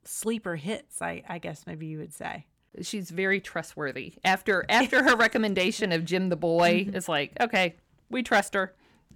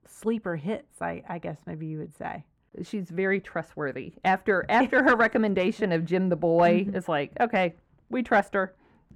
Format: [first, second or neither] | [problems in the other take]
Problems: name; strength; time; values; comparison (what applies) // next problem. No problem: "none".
first | muffled; slightly; fading above 2.5 kHz